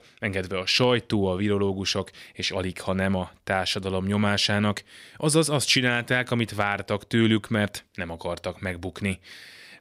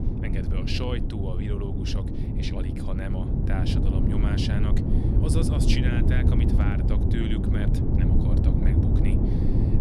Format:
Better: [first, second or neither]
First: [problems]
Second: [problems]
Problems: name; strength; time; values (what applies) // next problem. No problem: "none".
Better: first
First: none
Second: wind noise on the microphone; heavy; 2 dB above the speech